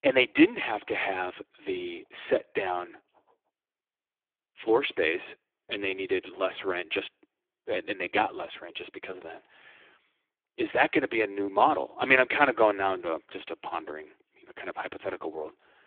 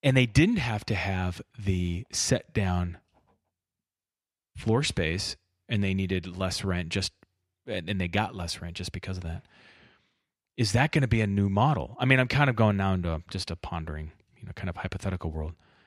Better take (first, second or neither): second